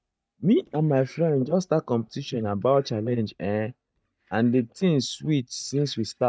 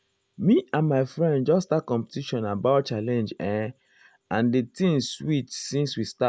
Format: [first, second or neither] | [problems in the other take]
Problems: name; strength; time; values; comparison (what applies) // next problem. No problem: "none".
second | noise reduction (neural mask model DeepFilterNet 3)